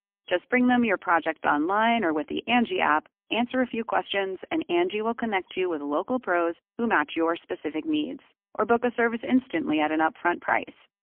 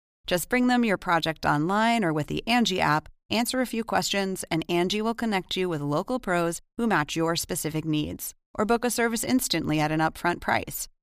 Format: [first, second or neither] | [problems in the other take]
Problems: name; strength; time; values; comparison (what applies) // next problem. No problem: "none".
second | phone-call audio; poor line; nothing above 3.5 kHz